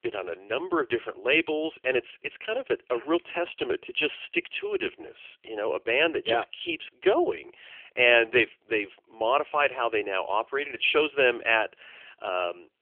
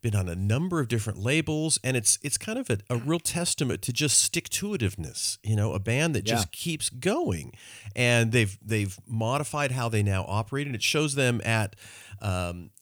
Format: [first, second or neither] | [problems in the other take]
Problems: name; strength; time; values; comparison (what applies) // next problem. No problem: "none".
second | phone-call audio; poor line; nothing above 3 kHz